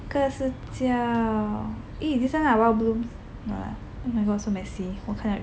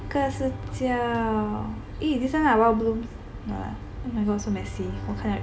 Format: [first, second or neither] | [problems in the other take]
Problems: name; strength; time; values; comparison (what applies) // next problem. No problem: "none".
first | background sound (Bowed string instrument); 15 dB below the speech // room echo; dies away in 0.3 s